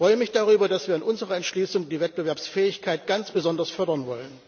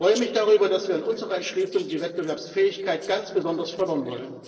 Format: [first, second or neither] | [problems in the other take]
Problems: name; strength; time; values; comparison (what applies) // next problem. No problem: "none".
first | noise reduction (neural separator model SepFormer DNS4)